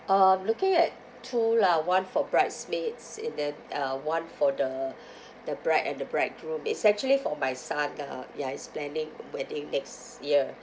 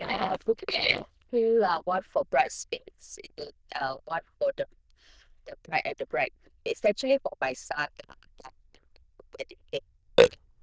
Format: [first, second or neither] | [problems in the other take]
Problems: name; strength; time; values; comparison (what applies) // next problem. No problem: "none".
first | noise reduction (neural diffusion model UNIVERSE++)